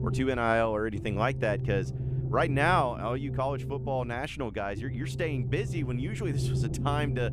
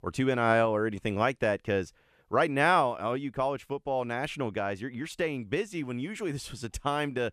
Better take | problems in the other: second | low rumble; noticeable; throughout; 15 dB below the speech

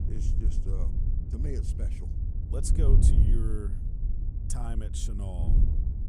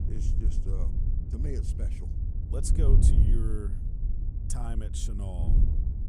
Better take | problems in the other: neither | wind noise on the microphone; heavy; 2 dB below the speech; the same in both

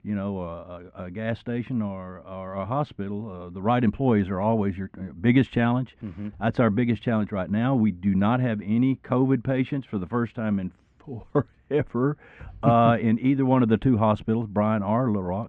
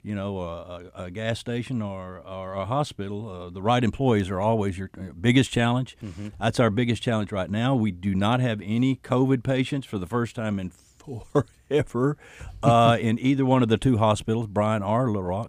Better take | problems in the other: second | muffled; very; fading above 2 kHz

